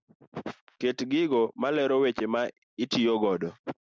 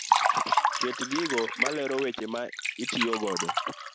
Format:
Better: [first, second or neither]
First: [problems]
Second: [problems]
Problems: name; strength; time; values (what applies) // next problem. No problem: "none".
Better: first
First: none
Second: background sound (Liquid); 4 dB above the speech